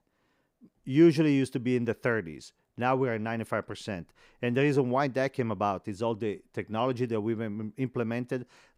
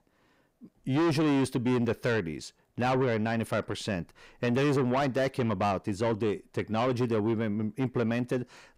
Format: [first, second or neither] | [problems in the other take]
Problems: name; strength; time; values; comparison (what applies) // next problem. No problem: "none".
first | distortion; heavy; 6 dB below the speech